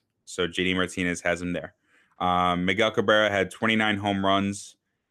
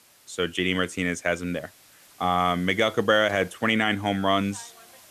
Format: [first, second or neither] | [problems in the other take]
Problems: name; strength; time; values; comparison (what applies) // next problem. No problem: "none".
first | hiss; faint; throughout; 25 dB below the speech